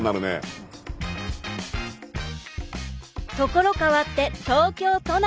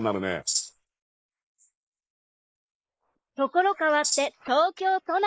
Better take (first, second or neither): first